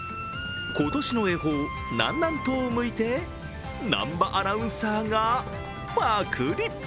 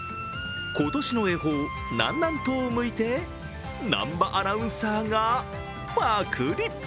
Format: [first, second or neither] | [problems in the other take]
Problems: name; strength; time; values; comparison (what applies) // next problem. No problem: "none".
second | background sound (Mechanical fan + Fireworks); 19 dB below the speech